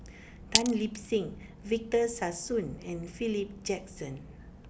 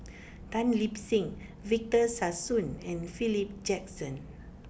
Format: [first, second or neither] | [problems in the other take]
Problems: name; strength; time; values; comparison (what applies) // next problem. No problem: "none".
second | background sound (Glass); 1 dB above the speech